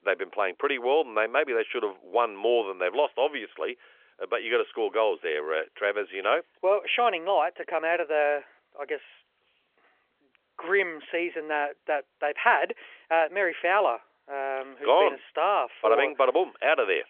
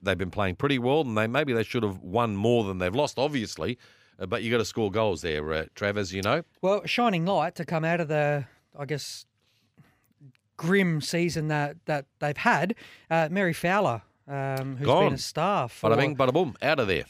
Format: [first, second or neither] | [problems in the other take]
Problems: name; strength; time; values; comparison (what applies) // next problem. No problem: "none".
second | phone-call audio; nothing above 3.5 kHz